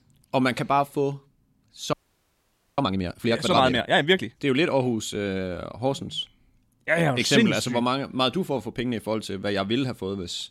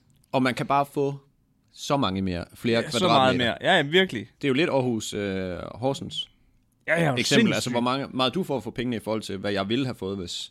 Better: second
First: audio freezing; at 2 s for 1 s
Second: none

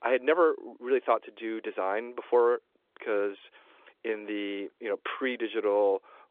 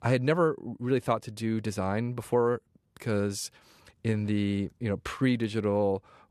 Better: second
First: phone-call audio; nothing above 3.5 kHz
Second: none

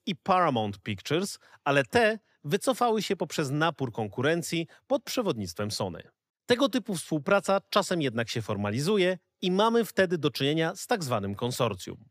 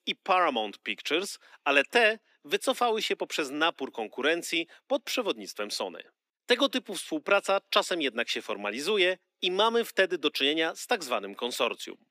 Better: first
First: none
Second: thin; very slightly; fading below 250 Hz

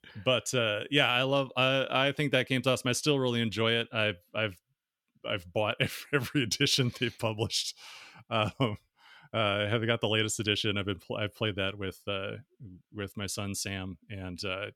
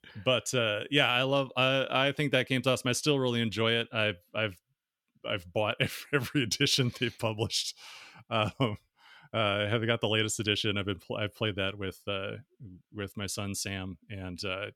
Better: neither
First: none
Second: none

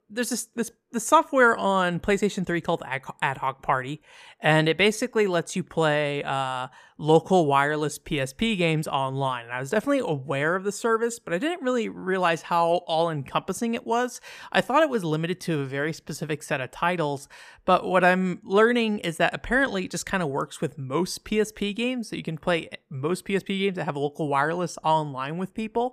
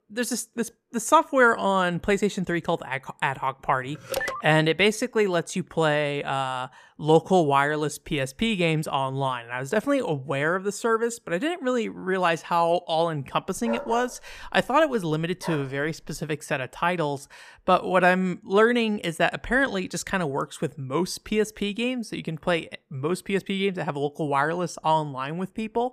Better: first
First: none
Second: phone ringing; noticeable; at 4 s; peak 4 dB below the speech // dog barking; noticeable; from 14 to 16 s; peak 8 dB below the speech

